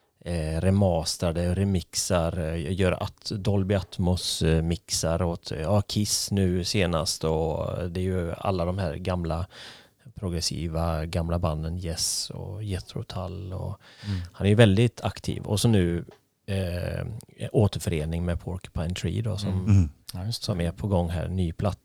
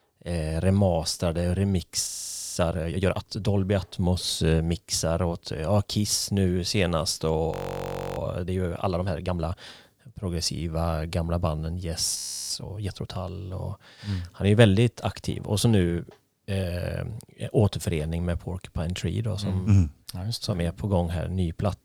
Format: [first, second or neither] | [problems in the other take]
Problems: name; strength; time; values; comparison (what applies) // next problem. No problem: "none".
first | audio freezing; at 2 s, at 7.5 s for 0.5 s and at 12 s